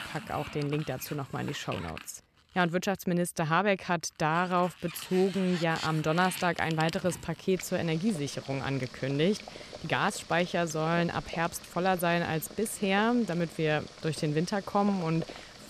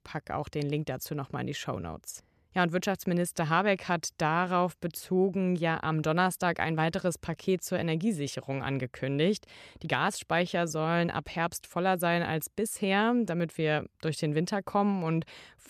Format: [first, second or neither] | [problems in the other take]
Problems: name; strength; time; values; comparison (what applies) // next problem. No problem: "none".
second | household noises; noticeable; throughout; 15 dB below the speech